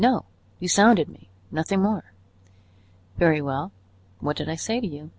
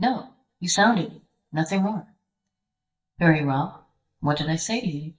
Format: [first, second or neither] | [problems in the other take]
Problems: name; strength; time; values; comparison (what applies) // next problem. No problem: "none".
first | noise reduction (neural mask model DeepFilterNet 3)